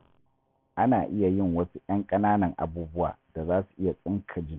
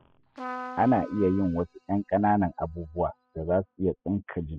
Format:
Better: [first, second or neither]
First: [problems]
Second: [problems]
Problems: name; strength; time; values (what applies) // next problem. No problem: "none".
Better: first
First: none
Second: noise reduction (classical method spectral subtraction)